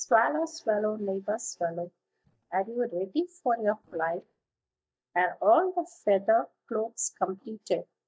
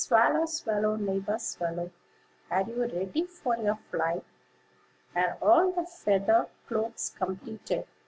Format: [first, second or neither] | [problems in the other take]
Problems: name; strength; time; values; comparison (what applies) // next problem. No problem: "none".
second | noise reduction (neural mask model DeepFilterNet 3)